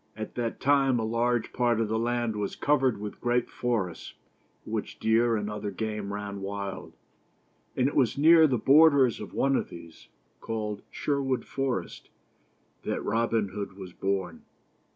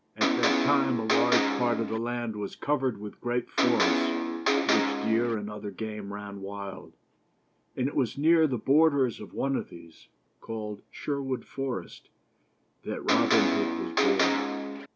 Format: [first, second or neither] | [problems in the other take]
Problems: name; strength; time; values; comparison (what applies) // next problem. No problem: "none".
first | background sound (Electric guitar); 3 dB above the speech